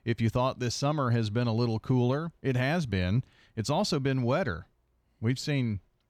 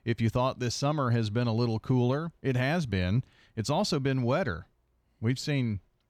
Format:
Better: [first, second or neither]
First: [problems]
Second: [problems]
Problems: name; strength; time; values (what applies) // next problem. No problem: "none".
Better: neither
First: none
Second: none